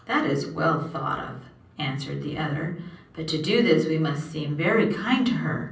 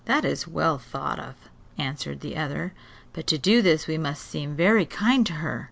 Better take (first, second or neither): second